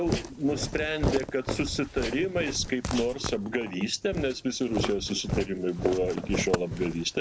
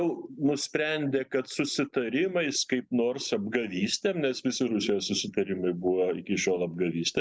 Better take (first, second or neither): second